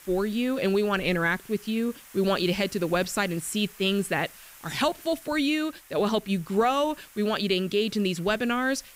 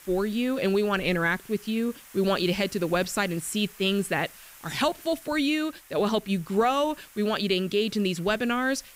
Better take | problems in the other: neither | hiss; faint; throughout; 20 dB below the speech; the same in both

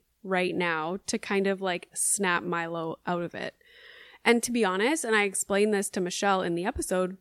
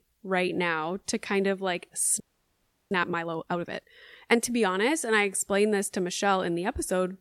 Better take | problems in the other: first | audio freezing; at 2 s for 0.5 s

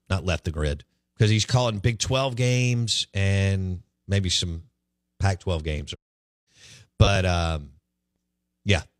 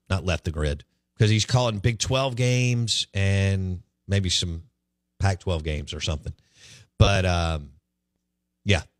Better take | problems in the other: second | audio cutting out; at 6 s for 0.5 s

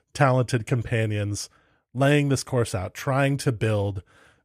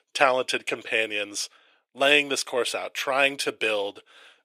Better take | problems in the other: first | thin; very; fading below 400 Hz

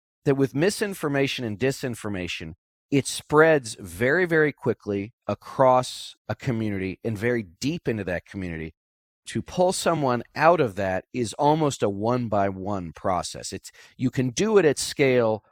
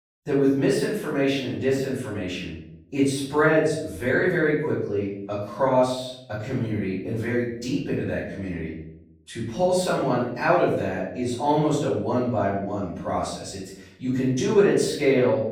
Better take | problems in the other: first | room echo; noticeable; dies away in 0.7 s // off-mic speech; far

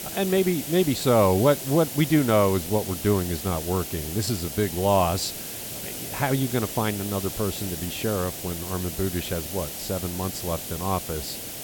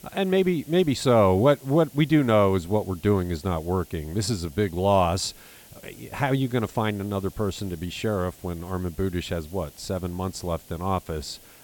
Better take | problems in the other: second | hiss; loud; throughout; 7 dB below the speech; faint in the second

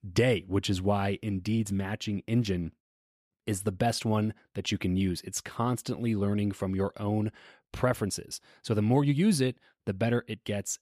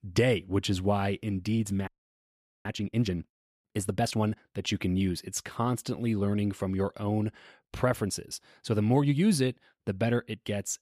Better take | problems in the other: first | audio freezing; at 2 s for 1 s

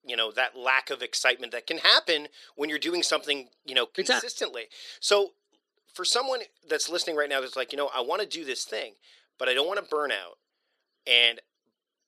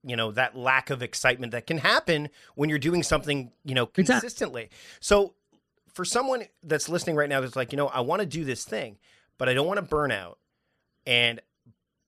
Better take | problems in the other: second | thin; somewhat; fading below 350 Hz

